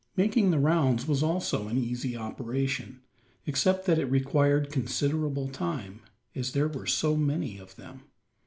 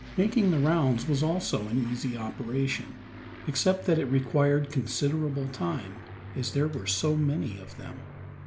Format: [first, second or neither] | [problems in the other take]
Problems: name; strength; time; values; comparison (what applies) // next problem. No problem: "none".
first | background sound (Aircraft); 14 dB below the speech